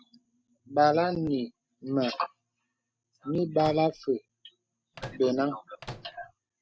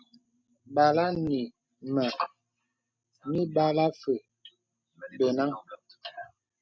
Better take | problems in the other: second | background sound (Microwave oven); 14 dB below the speech

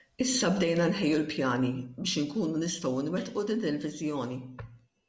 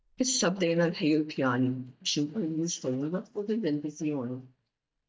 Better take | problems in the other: first | noise reduction (neural mask model DeepFilterNet 3)

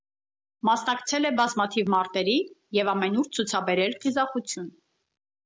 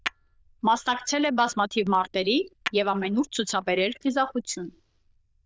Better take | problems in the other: first | noise reduction (neural diffusion model UNIVERSE++)

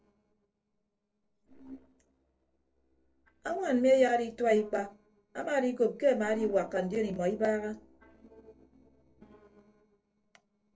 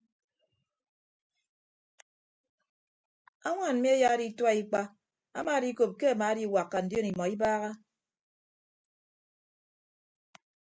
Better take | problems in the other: second | noise reduction (neural separator model SepFormer DNS4)

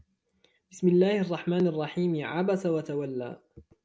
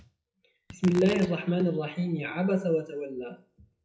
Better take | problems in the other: first | noise reduction (classical method WPE with log-MMSE)

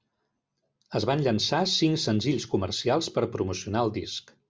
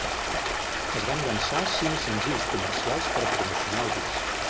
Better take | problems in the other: first | background sound (Stream); 5 dB above the speech

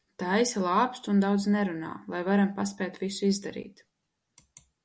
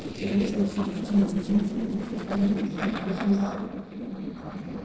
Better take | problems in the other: first | noise reduction (neural separator model SepFormer DNS4)

